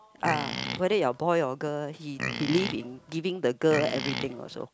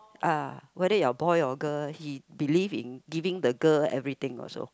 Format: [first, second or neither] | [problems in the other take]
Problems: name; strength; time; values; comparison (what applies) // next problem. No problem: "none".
second | background sound (Livestock, farm animals, working animals); 6 dB below the speech